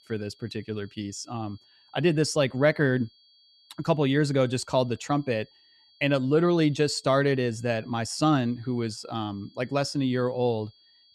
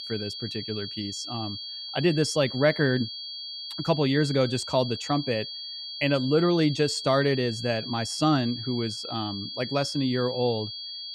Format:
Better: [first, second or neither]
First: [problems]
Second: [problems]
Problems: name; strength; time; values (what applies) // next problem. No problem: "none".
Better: first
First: high-pitched whine; faint; throughout; 4.5 kHz, 30 dB below the speech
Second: high-pitched whine; loud; throughout; 4.5 kHz, 8 dB below the speech